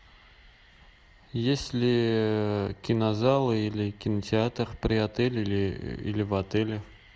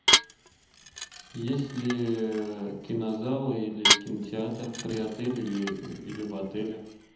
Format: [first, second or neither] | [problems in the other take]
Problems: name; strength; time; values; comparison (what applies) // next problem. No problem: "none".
first | background sound (Dishes, pots, and pans / Glass); 1 dB above the speech // room echo; dies away in 0.8 s